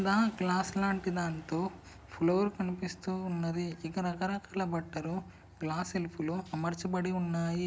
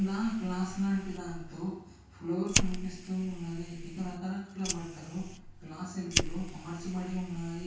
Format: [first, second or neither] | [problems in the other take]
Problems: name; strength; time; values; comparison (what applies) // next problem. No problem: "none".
first | background sound (Fire); 2 dB below the speech // room echo; dies away in 0.6 s